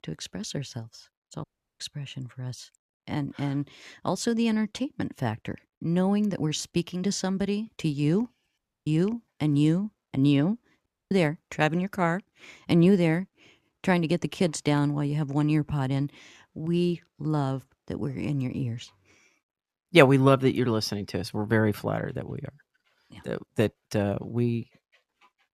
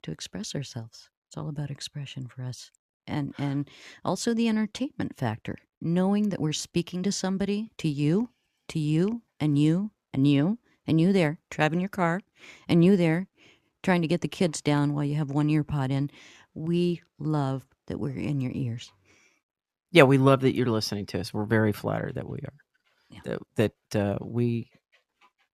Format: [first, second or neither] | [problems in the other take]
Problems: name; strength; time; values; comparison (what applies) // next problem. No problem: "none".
second | audio cutting out; at 1.5 s, at 8.5 s and at 11 s